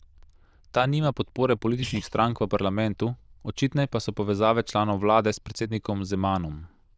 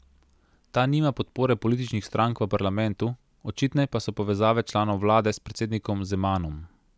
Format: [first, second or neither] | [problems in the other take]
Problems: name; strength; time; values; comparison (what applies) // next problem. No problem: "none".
second | noise reduction (neural diffusion model UNIVERSE++)